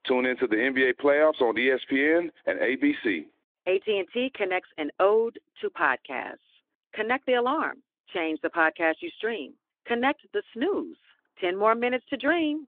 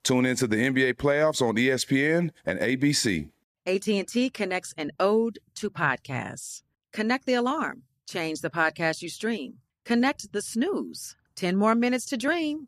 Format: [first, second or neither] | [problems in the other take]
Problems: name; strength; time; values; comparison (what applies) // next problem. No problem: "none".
second | phone-call audio; nothing above 3.5 kHz